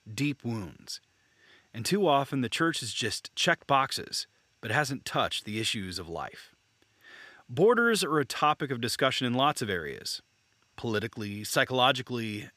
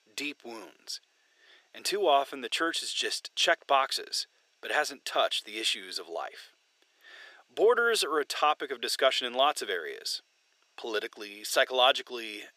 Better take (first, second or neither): first